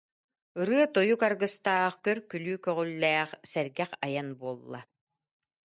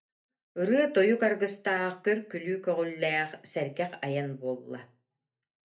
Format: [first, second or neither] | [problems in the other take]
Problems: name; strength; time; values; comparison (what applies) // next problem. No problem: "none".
first | room echo; dies away in 0.3 s